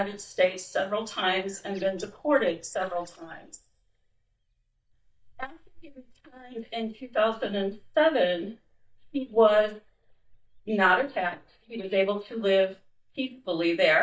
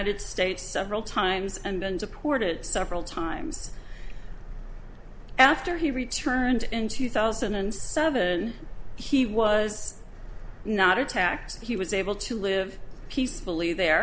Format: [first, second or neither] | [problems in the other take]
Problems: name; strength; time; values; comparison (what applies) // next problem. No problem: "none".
second | noise reduction (neural mask model DeepFilterNet 3)